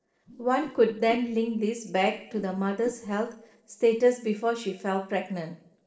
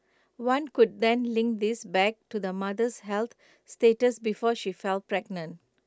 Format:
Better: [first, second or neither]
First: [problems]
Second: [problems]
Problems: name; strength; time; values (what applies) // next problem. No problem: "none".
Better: second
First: noise reduction (neural separator model SepFormer DNS4)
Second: none